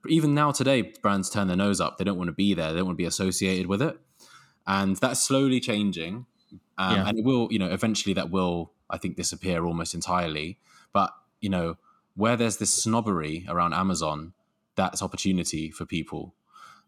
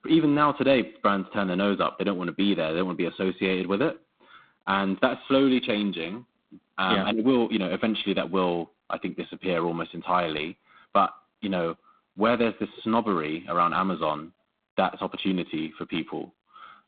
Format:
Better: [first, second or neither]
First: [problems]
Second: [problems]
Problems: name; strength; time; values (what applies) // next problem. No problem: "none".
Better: first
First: none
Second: phone-call audio; poor line; nothing above 3.5 kHz